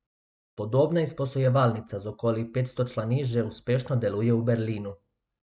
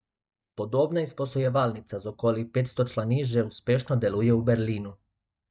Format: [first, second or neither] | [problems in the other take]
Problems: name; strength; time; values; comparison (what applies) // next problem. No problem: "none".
first | noise reduction (neural mask model DeepFilterNet 3)